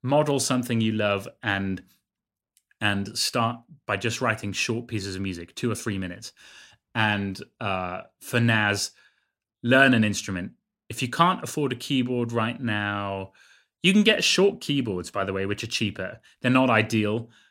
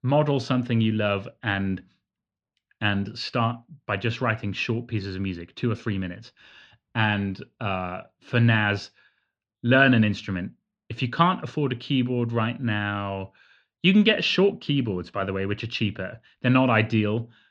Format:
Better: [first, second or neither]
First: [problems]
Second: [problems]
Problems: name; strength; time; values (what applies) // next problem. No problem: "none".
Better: first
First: none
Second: muffled; slightly; fading above 4 kHz